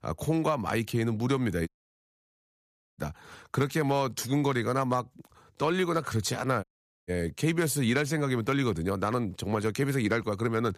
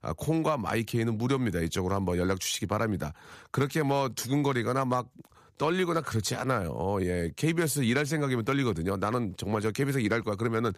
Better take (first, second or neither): second